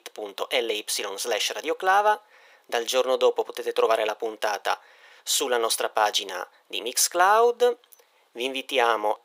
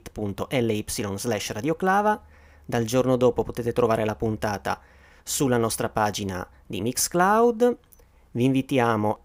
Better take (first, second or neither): second